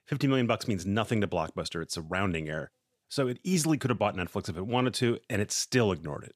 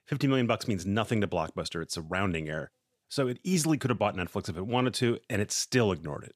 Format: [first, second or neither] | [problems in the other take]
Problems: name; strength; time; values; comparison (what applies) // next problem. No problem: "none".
neither | none